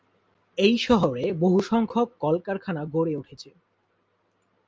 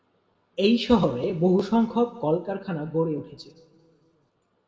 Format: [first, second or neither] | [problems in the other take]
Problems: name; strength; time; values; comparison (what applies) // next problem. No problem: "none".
first | room echo; dies away in 1.6 s